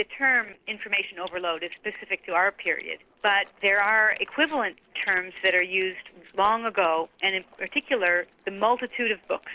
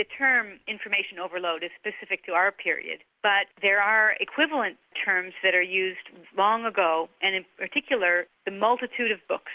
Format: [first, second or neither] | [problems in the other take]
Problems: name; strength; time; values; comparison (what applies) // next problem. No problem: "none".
second | noise reduction (neural separator model SepFormer DNS4)